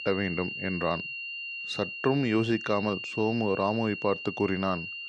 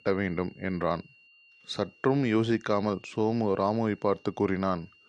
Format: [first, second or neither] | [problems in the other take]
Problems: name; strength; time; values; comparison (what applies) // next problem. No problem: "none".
second | high-pitched whine; loud; throughout; 3 kHz, 6 dB below the speech; faint in the second